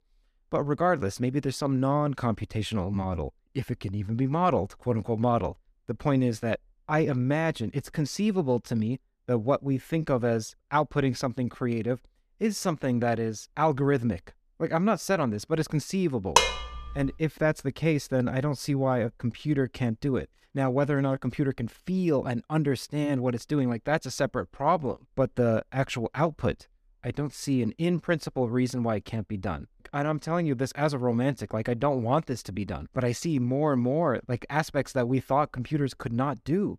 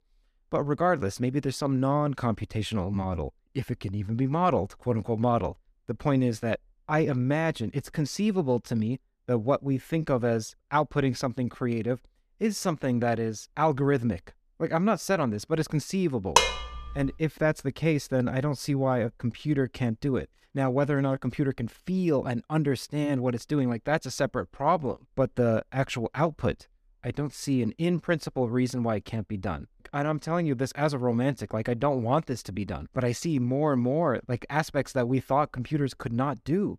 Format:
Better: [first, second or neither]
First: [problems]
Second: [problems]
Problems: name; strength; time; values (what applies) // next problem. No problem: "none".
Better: neither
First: clattering dishes; loud; at 16 s; peak 5 dB above the speech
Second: clattering dishes; loud; at 16 s; peak 5 dB above the speech